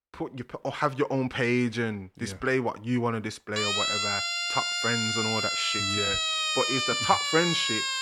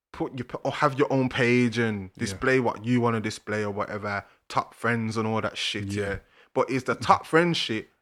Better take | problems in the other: second | siren; loud; from 3.5 s on; peak 5 dB above the speech

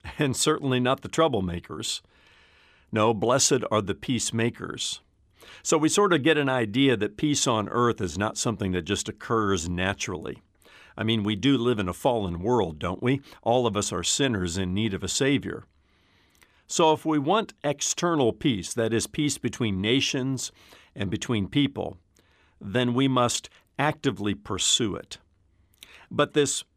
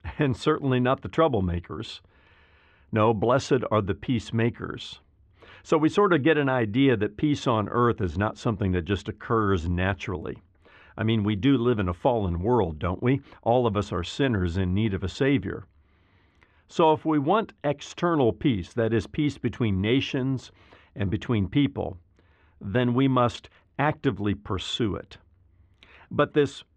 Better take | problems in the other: first | muffled; very; fading above 2.5 kHz

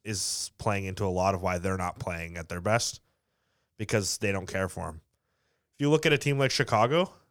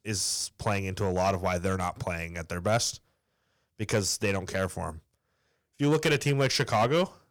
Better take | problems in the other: first | distortion; slight; 3% of the sound clipped

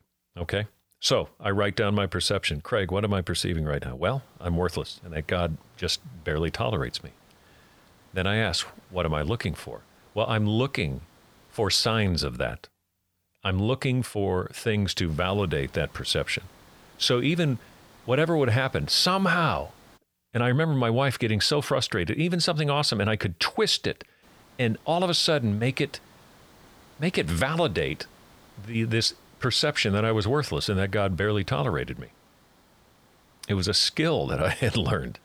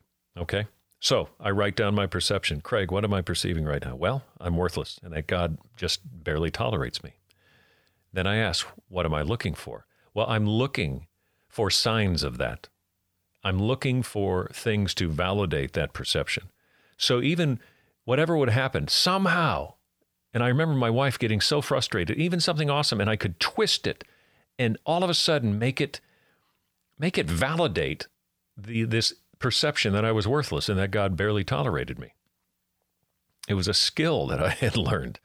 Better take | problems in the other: second | hiss; faint; from 4 to 12 s, from 15 to 20 s and from 24 s on; 30 dB below the speech

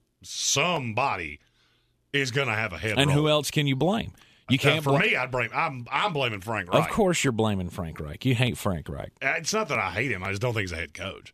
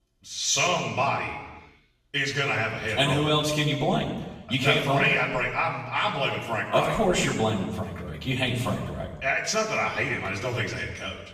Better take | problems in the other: first | room echo; noticeable; dies away in 1.1 s // off-mic speech; far

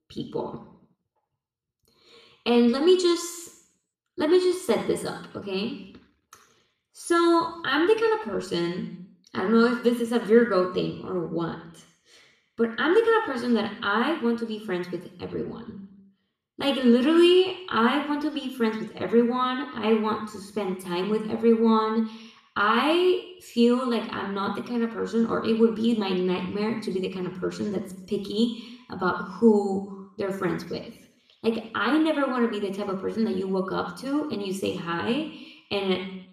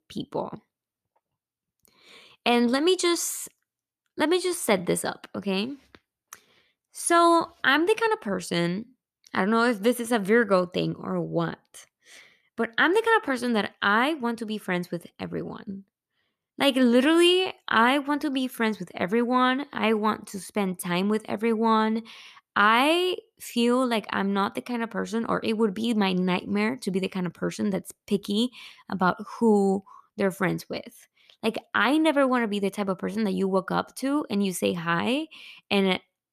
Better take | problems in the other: second | room echo; noticeable; dies away in 0.7 s // off-mic speech; somewhat distant

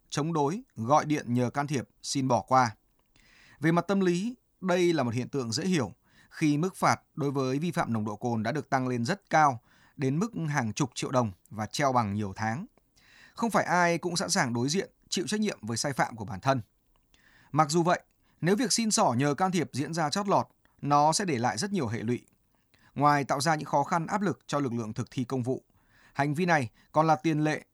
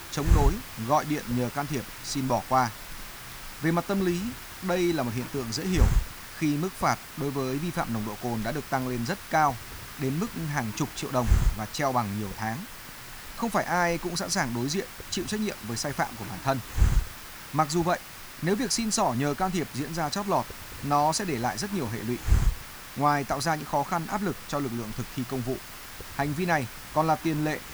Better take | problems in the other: first | hiss; loud; throughout; 7 dB below the speech

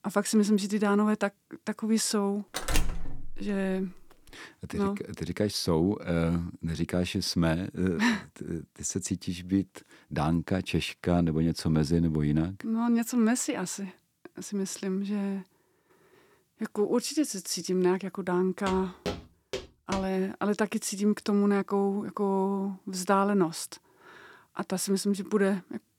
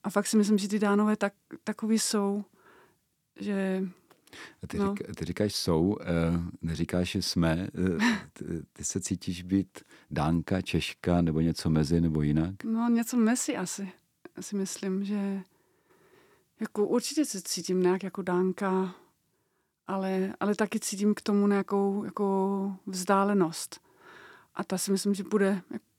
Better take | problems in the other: second | door banging; noticeable; at 2.5 s; peak 2 dB below the speech // footsteps; noticeable; from 19 to 20 s; peak 8 dB below the speech

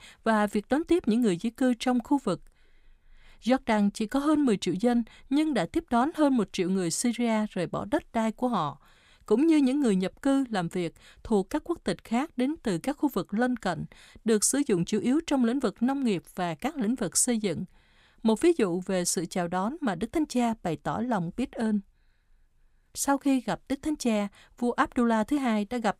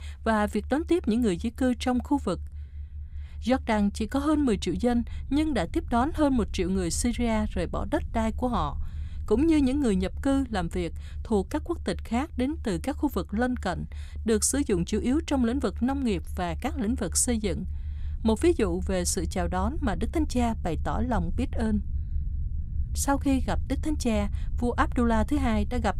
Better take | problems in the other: first | low rumble; faint; throughout; 25 dB below the speech

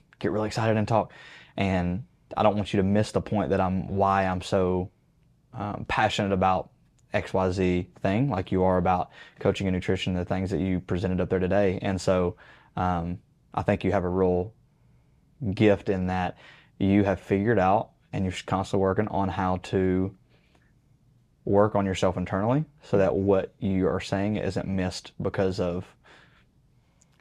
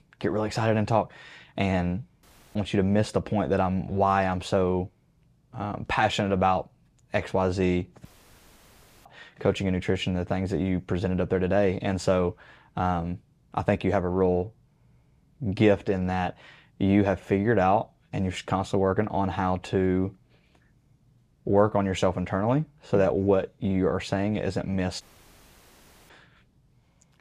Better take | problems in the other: first | audio cutting out; at 2 s, at 8 s for 1 s and at 25 s for 1 s

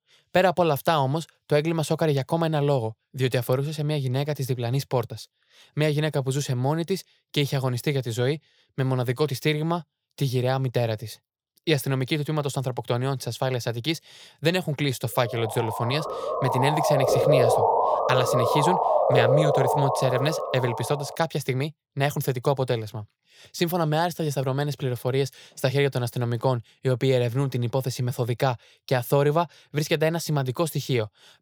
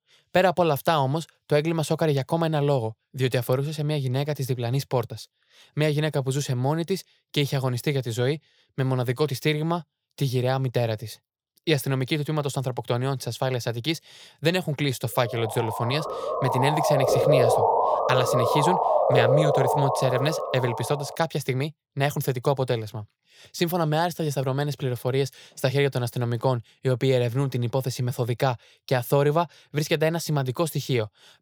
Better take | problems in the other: neither | siren; loud; from 15 to 21 s; peak 6 dB above the speech; the same in both

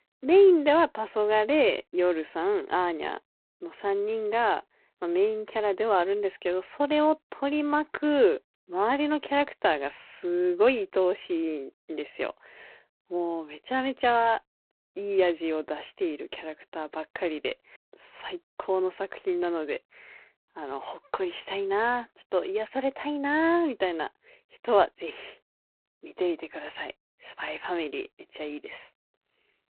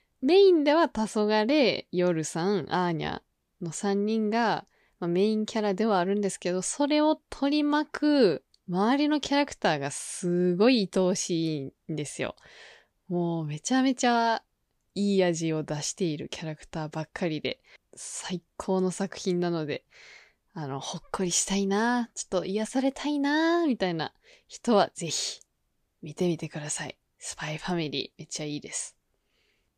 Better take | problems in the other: second | phone-call audio; poor line

